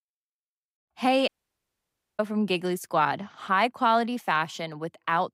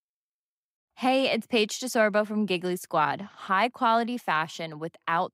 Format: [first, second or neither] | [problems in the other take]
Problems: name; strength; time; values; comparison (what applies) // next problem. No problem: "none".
second | audio cutting out; at 1.5 s for 1 s